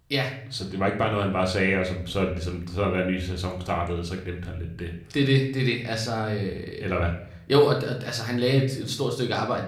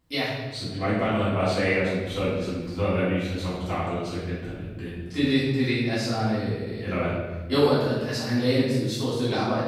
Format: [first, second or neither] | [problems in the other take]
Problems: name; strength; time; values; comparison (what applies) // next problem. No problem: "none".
first | room echo; strong; dies away in 1.2 s; slight in the first // off-mic speech; far; somewhat distant in the first